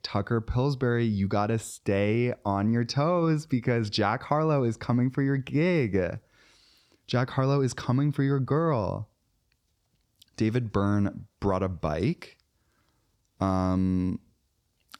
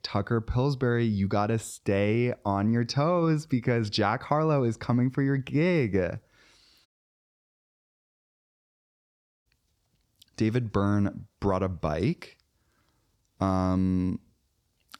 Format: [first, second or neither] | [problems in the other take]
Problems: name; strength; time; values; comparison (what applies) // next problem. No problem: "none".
first | audio cutting out; at 7 s for 2.5 s